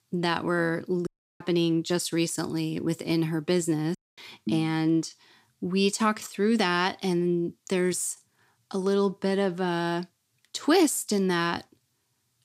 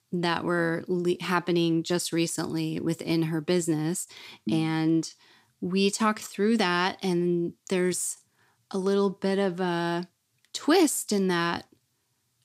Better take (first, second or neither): second